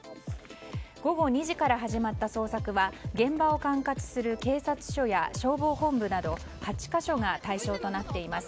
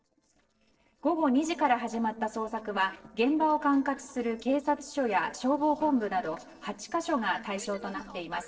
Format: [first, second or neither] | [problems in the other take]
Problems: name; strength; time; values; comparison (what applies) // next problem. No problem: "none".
first | noise reduction (neural separator model SepFormer DNS4)